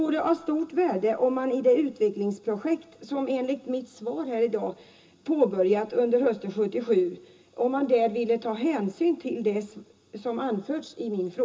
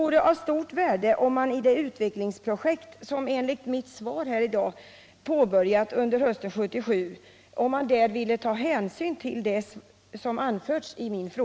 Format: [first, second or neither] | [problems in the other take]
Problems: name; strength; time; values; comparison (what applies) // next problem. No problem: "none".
second | room echo; dies away in 0.2 s